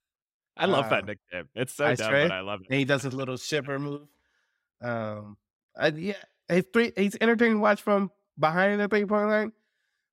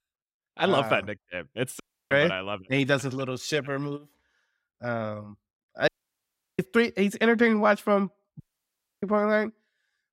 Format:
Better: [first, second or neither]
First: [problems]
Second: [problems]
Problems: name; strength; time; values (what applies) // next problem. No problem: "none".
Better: first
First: none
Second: audio cutting out; at 2 s, at 6 s for 0.5 s and at 8.5 s for 0.5 s